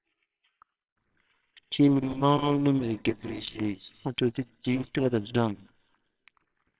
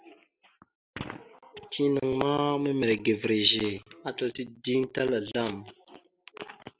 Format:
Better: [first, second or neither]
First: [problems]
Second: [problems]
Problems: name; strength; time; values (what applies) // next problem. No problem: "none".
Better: second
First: noise reduction (neural separator model SepFormer WHAMR!)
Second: none